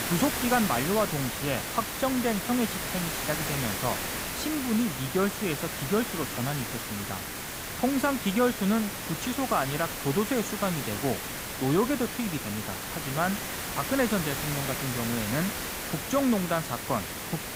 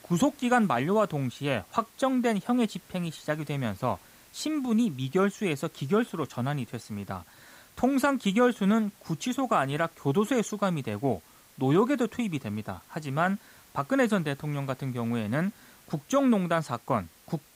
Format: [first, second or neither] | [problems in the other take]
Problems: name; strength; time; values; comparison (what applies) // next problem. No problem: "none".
second | hiss; loud; throughout; 3 dB below the speech; faint in the second